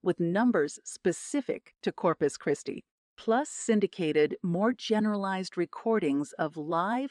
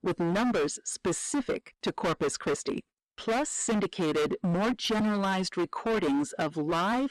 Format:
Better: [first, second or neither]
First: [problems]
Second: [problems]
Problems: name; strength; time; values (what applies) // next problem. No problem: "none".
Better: first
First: none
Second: distortion; heavy; 26% of the sound clipped